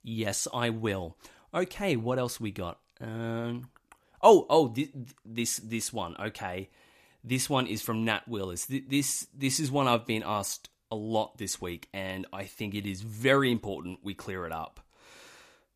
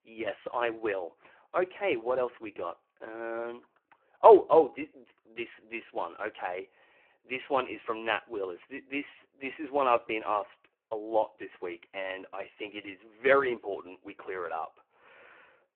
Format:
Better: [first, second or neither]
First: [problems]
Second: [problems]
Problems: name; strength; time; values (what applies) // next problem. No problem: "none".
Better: first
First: none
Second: phone-call audio; poor line